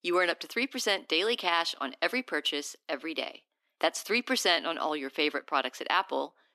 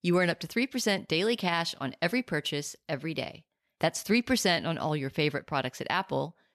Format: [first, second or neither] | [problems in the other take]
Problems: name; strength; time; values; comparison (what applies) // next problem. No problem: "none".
second | thin; somewhat; fading below 300 Hz